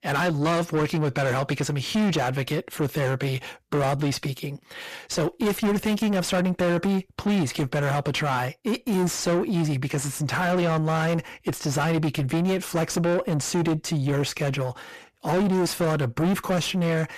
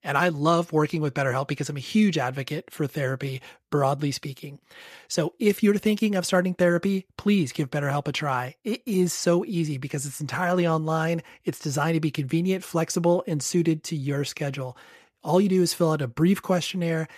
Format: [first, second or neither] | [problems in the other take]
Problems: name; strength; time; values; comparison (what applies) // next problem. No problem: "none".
second | distortion; heavy; 7 dB below the speech